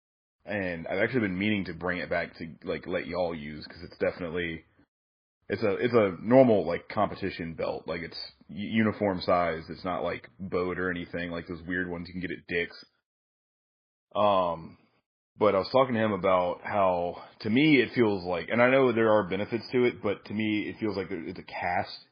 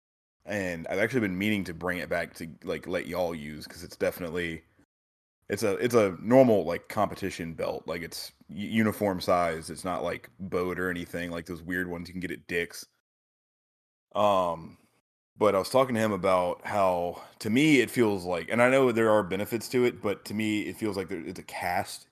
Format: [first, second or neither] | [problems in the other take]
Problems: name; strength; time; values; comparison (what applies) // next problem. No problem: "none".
second | garbled, watery; badly; nothing above 4.5 kHz